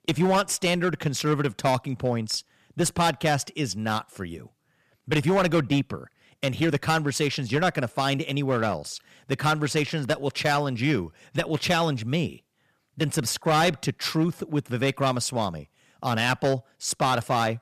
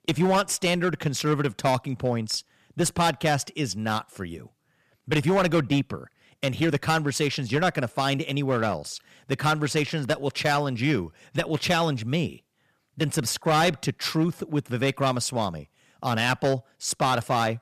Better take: neither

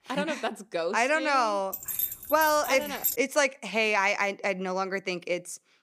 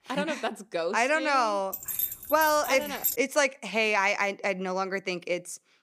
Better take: neither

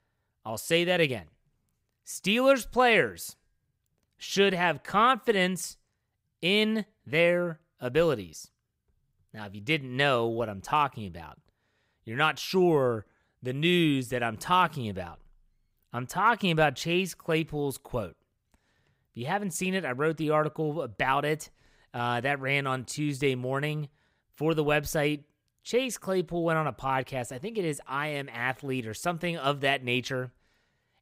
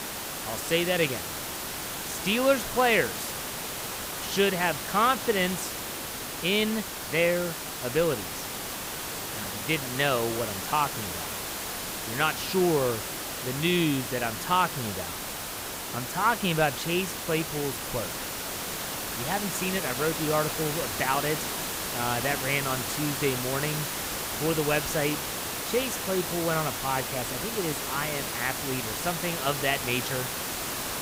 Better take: first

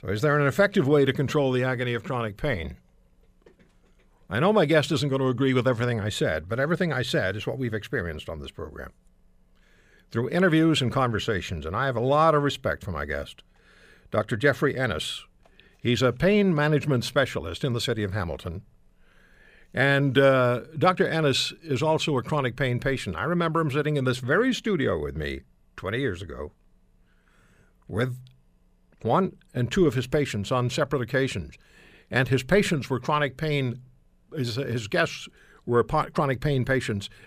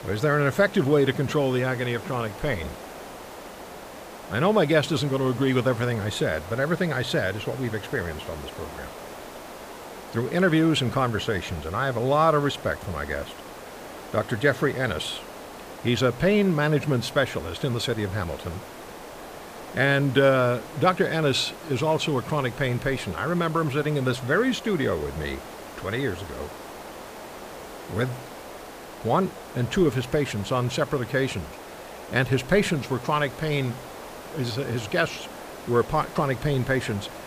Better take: first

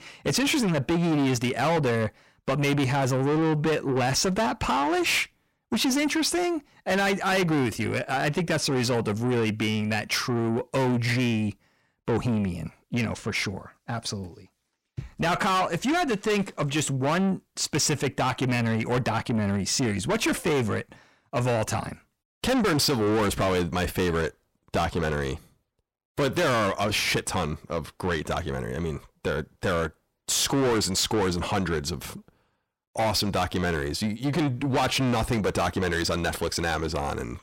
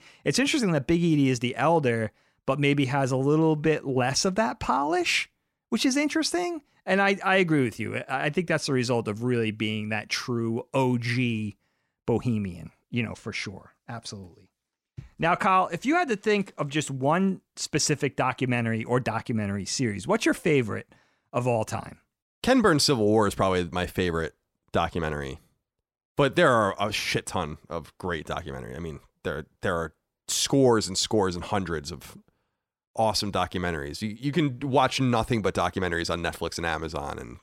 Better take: second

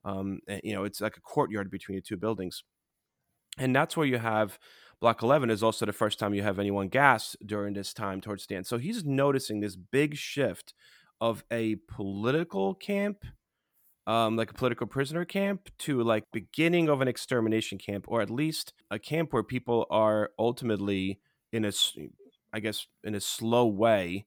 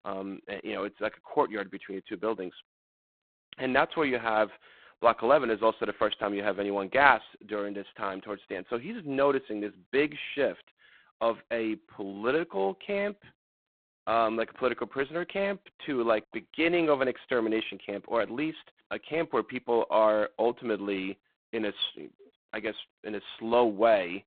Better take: first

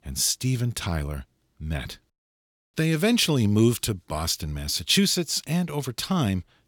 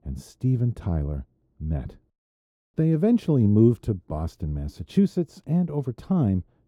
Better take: first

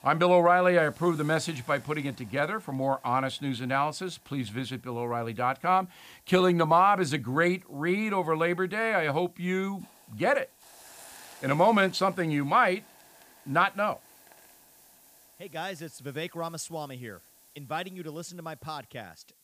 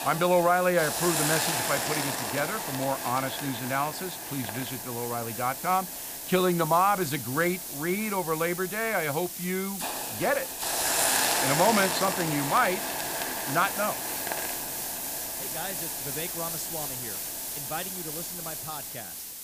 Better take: first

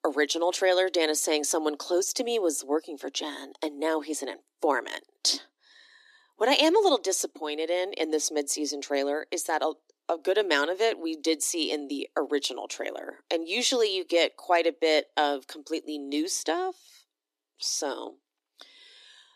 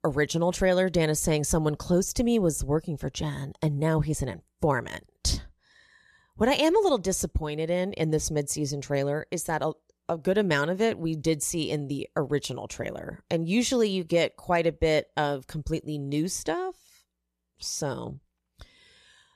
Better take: second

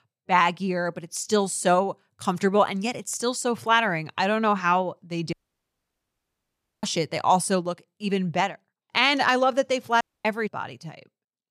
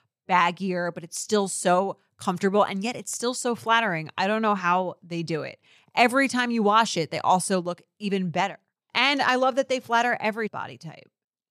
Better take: second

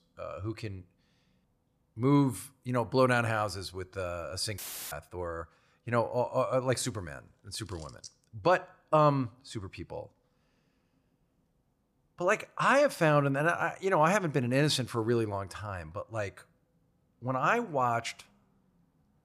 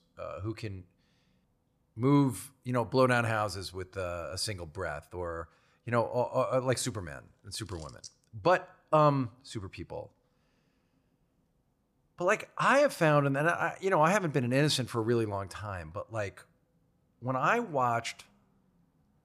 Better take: second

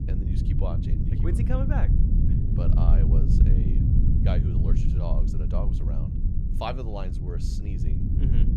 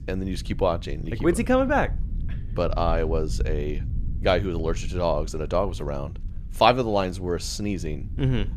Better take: second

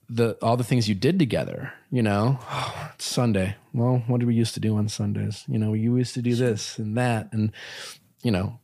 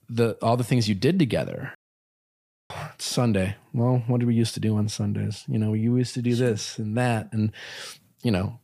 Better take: first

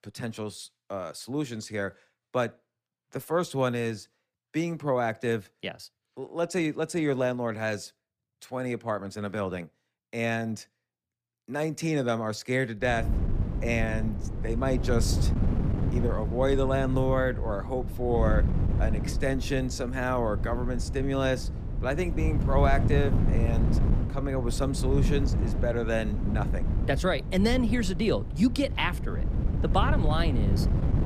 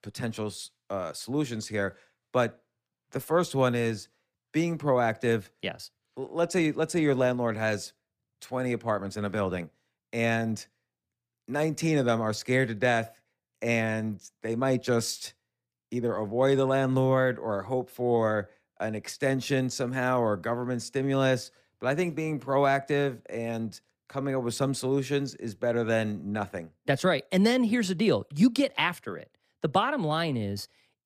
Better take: second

